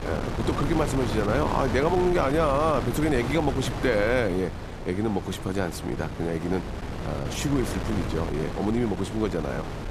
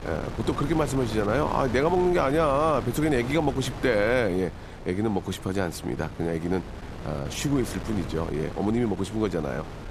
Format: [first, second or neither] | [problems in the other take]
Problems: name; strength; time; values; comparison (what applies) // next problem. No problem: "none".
second | wind noise on the microphone; heavy; 7 dB below the speech; occasional gusts in the second